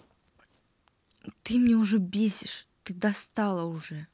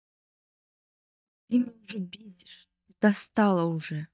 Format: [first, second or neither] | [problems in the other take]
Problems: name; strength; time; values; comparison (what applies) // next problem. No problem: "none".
first | noise reduction (neural mask model DeepFilterNet 3)